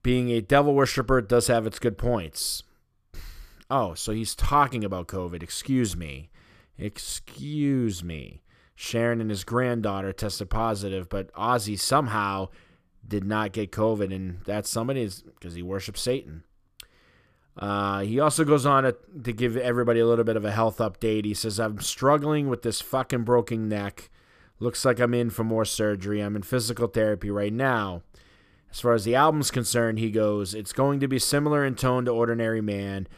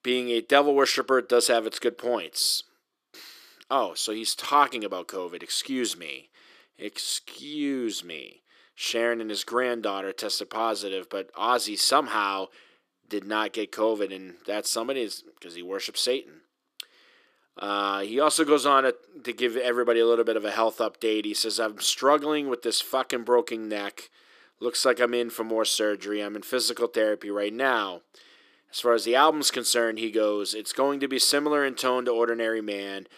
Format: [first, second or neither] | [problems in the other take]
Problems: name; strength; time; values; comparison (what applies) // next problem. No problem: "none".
first | thin; somewhat; fading below 300 Hz